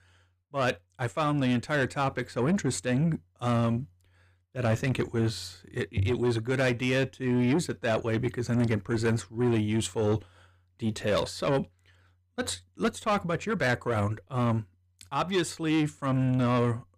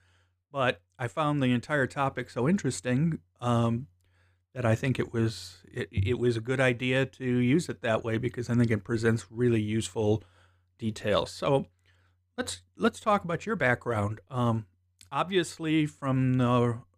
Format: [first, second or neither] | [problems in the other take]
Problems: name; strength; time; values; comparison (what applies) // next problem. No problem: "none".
second | distortion; slight; 10 dB below the speech